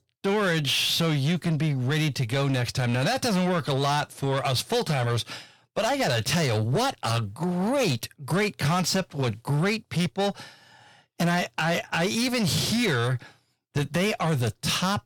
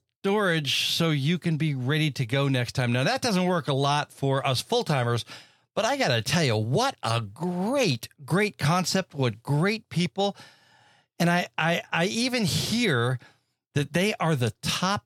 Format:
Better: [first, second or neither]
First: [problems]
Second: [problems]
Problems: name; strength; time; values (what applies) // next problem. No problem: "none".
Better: second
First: distortion; slight; 10 dB below the speech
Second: none